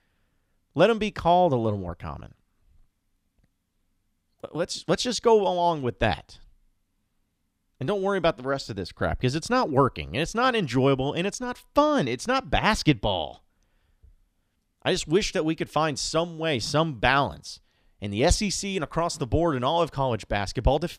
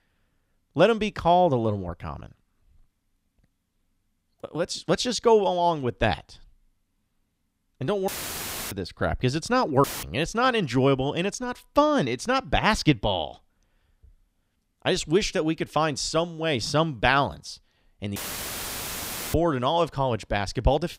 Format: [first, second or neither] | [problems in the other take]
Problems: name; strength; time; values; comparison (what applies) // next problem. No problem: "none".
first | audio cutting out; filled with static; at 8 s for 0.5 s, at 10 s and at 18 s for 1 s